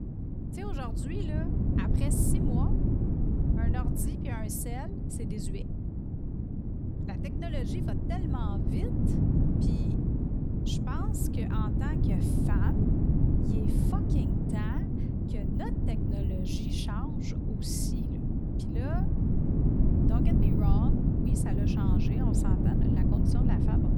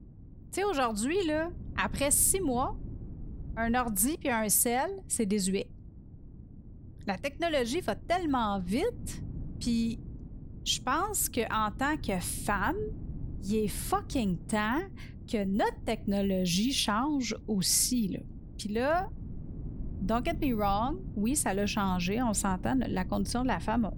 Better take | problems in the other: second | wind noise on the microphone; heavy; 4 dB above the speech; occasional gusts in the second

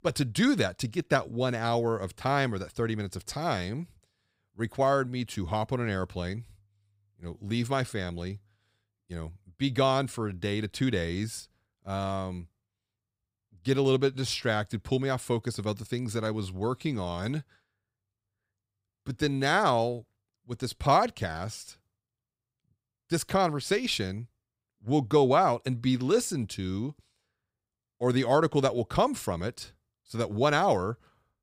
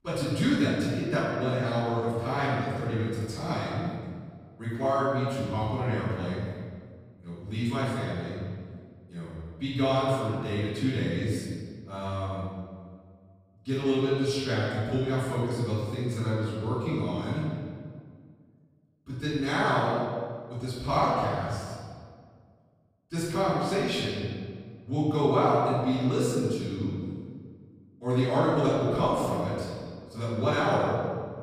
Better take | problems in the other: first | off-mic speech; far // room echo; strong; dies away in 1.6 s

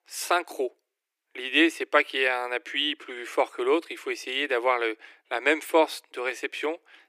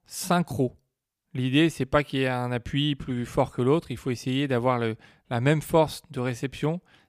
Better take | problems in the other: second | thin; very; fading below 300 Hz

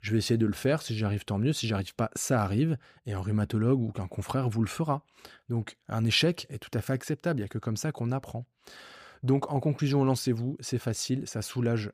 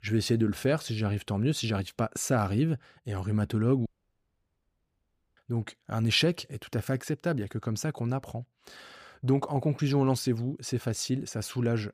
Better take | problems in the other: first | audio cutting out; at 4 s for 1.5 s

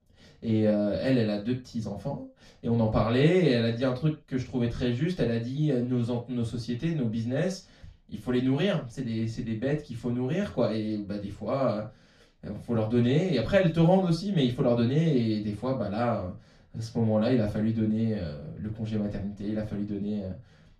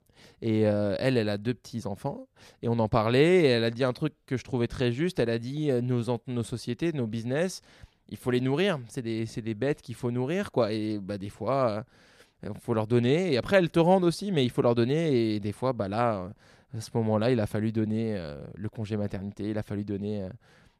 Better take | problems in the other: second | room echo; slight; dies away in 0.2 s // off-mic speech; far

